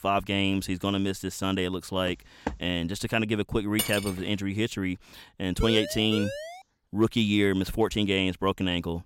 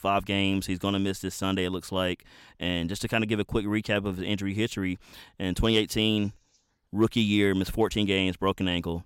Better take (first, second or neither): second